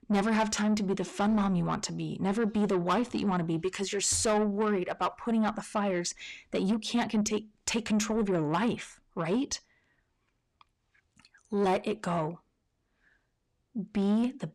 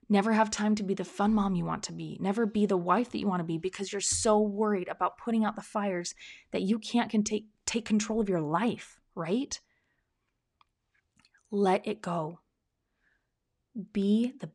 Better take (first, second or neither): second